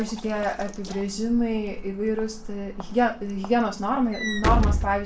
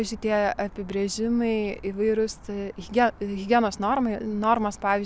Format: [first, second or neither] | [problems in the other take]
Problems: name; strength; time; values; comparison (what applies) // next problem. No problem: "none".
second | background sound (Walk, footsteps / Slam); 4 dB below the speech // room echo; dies away in 0.3 s